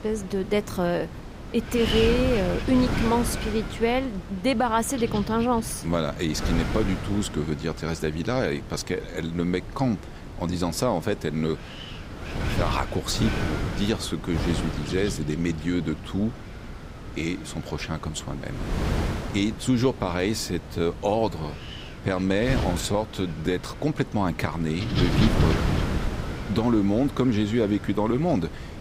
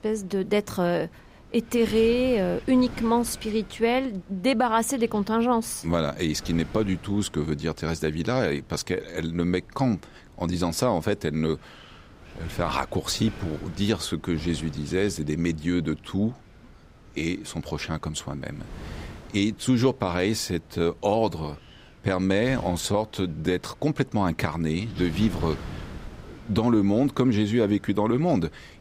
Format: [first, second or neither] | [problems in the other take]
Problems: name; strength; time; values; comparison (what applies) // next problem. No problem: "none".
second | wind noise on the microphone; heavy; 8 dB below the speech; occasional gusts in the second